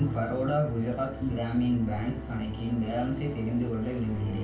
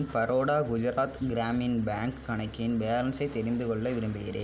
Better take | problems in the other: second | background sound (Musical instrument); 10 dB below the speech // room echo; dies away in 0.2 s

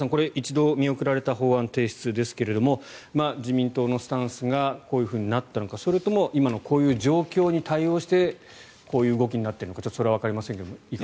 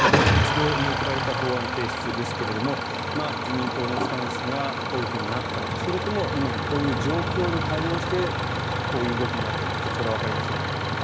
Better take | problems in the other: first | background sound (Idling / Engine starting); 4 dB above the speech

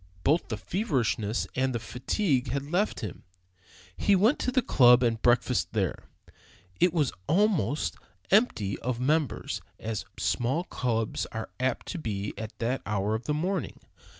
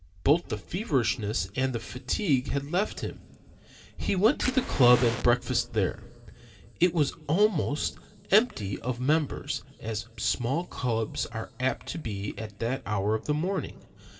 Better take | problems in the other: first | background sound (Fire); 11 dB below the speech // room echo; dies away in 2.1 s

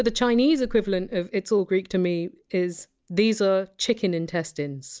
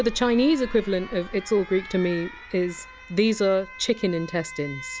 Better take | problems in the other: first | background sound (Alarm); 16 dB below the speech

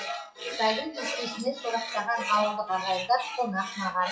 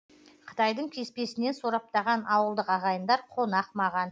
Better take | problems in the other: second | noise reduction (classical method WPE with log-MMSE)

